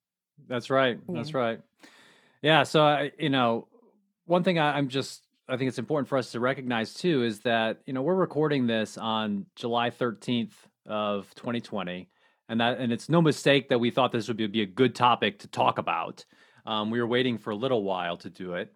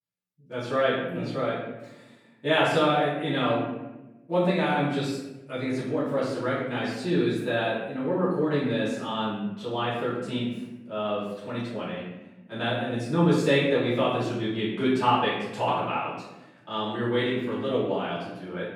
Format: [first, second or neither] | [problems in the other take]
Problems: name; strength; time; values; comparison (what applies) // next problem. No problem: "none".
first | off-mic speech; far // room echo; noticeable; dies away in 0.9 s